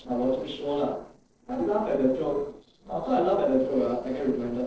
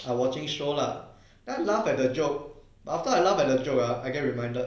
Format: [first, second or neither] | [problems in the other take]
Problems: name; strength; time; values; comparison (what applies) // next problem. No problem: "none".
second | noise reduction (neural separator model SepFormer DNS4)